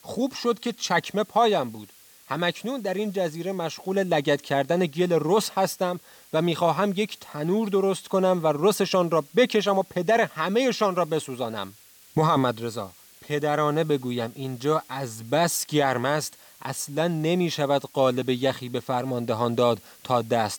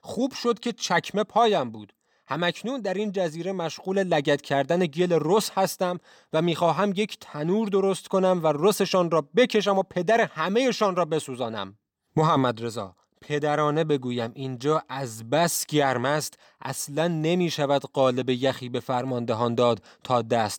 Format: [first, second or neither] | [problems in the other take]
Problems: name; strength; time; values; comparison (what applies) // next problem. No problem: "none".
second | hiss; faint; throughout; 25 dB below the speech